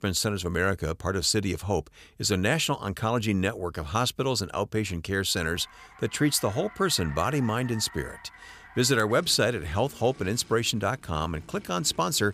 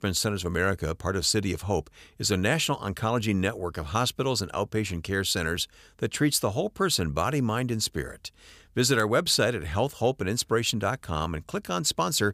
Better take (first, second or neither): second